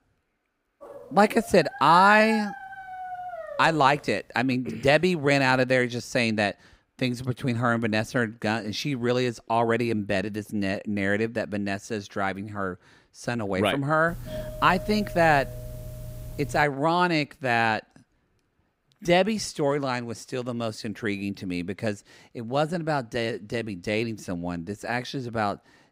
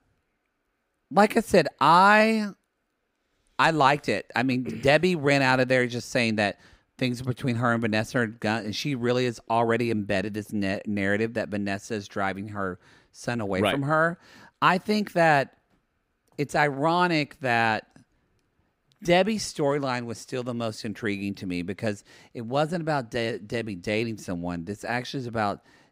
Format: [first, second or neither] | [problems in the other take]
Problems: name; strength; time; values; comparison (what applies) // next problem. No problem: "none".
second | dog barking; noticeable; from 1 to 4 s; peak 4 dB below the speech // doorbell; faint; from 14 to 17 s; peak 10 dB below the speech